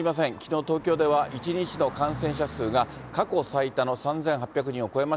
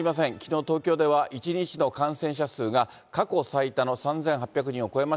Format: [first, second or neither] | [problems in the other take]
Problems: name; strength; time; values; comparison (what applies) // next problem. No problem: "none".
second | background sound (Car passing by); 15 dB below the speech